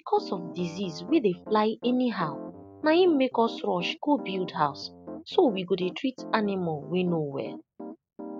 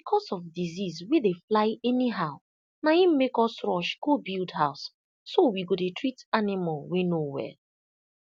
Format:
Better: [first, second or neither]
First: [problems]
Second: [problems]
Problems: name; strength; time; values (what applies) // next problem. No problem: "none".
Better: second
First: background sound (Piano); 14 dB below the speech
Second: none